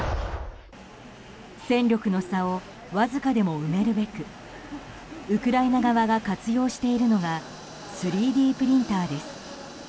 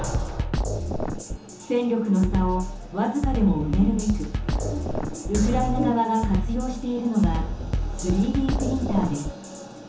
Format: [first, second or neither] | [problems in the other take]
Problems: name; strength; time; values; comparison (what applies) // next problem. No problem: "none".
first | background sound (Drum kit); 2 dB below the speech // room echo; dies away in 1.2 s